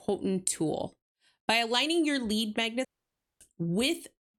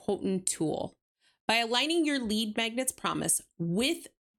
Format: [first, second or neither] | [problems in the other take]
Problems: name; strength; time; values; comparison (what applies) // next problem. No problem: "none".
second | audio cutting out; at 3 s for 0.5 s